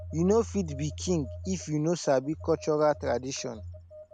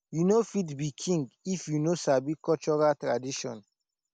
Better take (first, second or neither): second